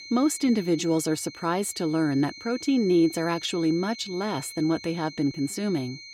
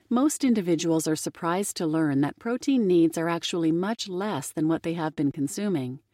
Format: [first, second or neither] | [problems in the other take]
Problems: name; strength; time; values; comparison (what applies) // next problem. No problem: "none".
second | high-pitched whine; noticeable; throughout; 4 kHz, 15 dB below the speech